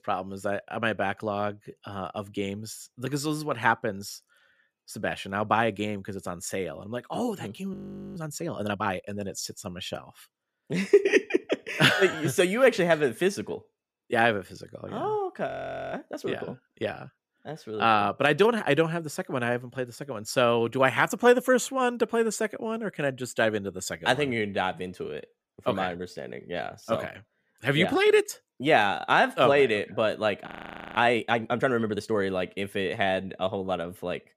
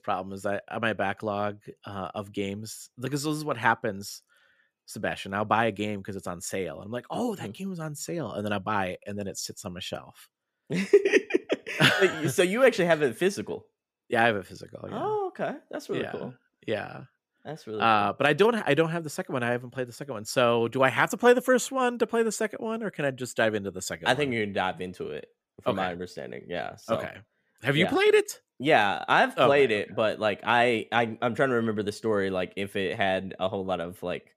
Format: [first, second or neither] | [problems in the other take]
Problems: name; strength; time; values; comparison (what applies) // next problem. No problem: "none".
second | audio freezing; at 7.5 s, at 15 s and at 30 s